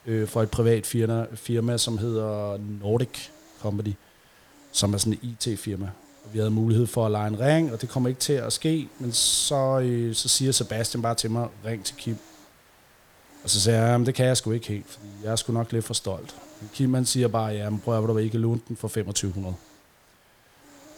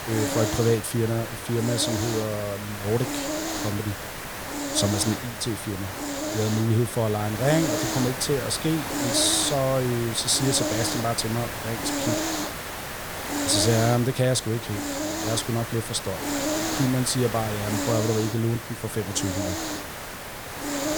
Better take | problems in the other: first | hiss; loud; throughout; 4 dB below the speech; faint in the first

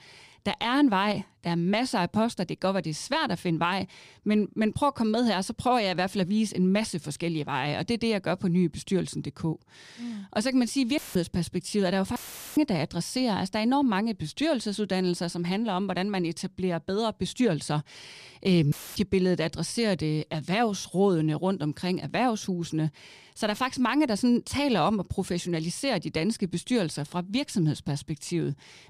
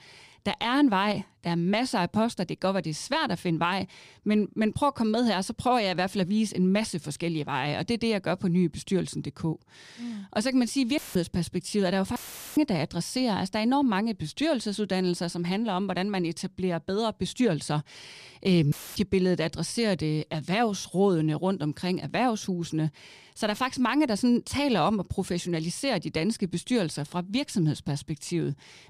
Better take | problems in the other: neither | audio cutting out; filled with static; at 11 s, at 12 s and at 19 s; the same in both

